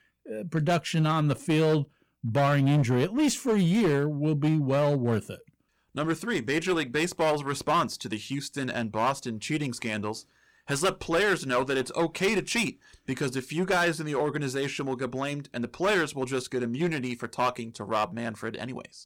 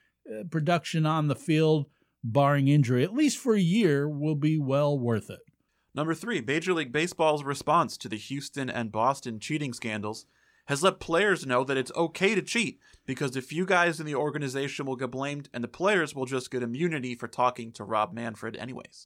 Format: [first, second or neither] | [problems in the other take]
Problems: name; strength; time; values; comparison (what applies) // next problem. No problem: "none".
second | distortion; slight; 9% of the sound clipped